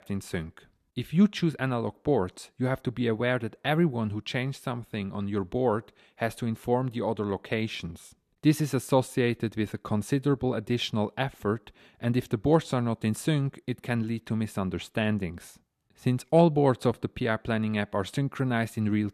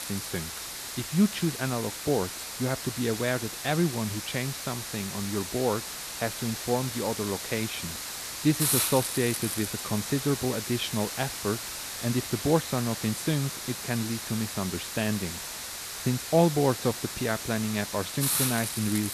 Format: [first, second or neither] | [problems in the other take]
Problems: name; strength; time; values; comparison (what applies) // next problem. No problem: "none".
first | hiss; loud; throughout; 3 dB below the speech